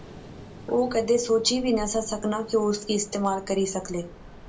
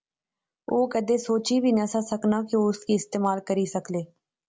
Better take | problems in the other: second | background sound (Ocean); 17 dB below the speech // room echo; dies away in 0.2 s

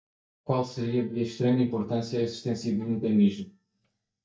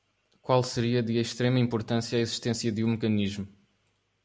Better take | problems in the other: second | noise reduction (neural mask model DeepFilterNet 3)

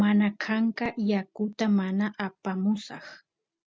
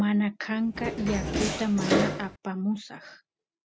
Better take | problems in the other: first | background sound (Door); as loud as the speech

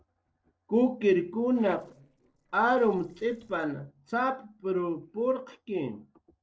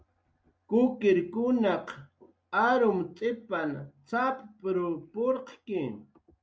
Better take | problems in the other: second | noise reduction (neural separator model SepFormer DNS4)

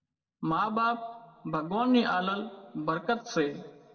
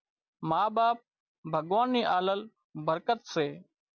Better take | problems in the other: second | room echo; dies away in 1.6 s

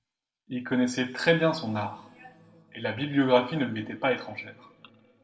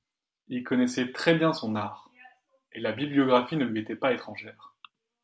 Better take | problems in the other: second | room echo; dies away in 1.2 s

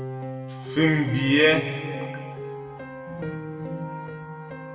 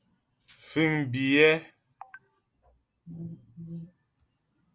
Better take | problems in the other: second | background sound (Piano); 8 dB below the speech // room echo; dies away in 2 s

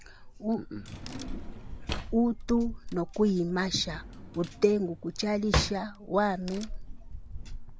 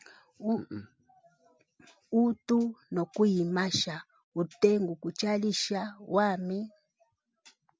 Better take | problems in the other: second | background sound (Crack + Drawer open or close); 7 dB below the speech

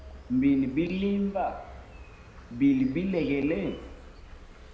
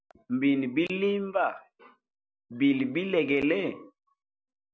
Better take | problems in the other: second | background sound (Insect); 17 dB below the speech // room echo; dies away in 0.8 s

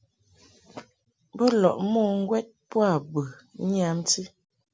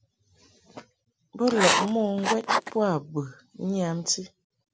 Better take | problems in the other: first | background sound (Writing); 1 dB above the speech

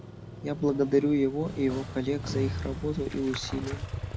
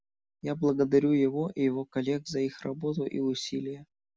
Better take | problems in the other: second | background sound (Motorcycle); 7 dB below the speech

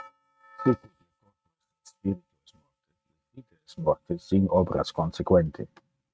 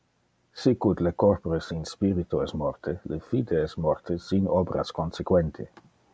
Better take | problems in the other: second | noise reduction (neural mask model RNNoise)

